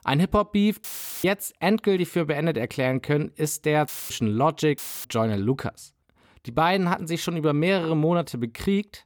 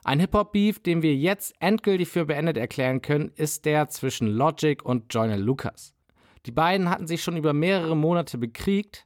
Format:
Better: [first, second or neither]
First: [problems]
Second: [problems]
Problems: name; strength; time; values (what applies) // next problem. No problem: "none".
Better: second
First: audio cutting out; filled with static; at 1 s, at 4 s and at 5 s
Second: none